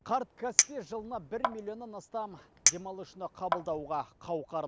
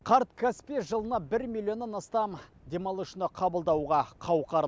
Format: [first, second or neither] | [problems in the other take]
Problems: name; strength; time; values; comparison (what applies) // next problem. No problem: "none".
second | background sound (Chink, clink); 3 dB above the speech